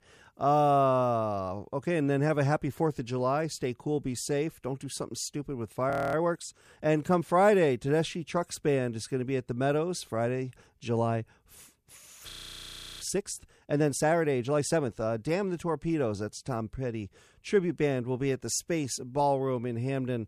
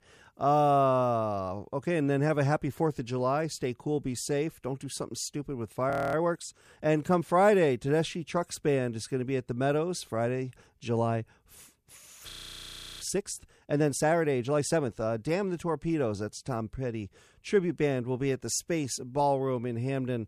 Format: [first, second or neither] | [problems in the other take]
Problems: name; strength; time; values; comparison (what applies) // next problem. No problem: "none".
neither | audio freezing; at 6 s and at 12 s for 0.5 s; the same in both